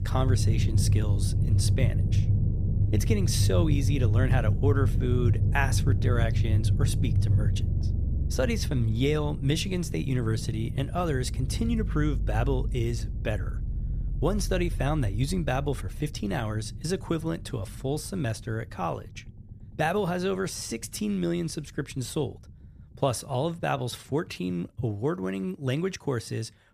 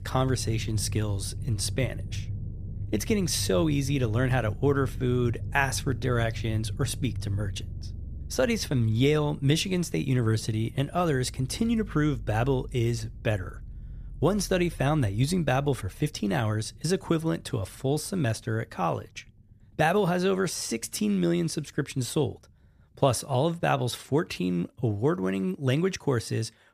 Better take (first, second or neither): second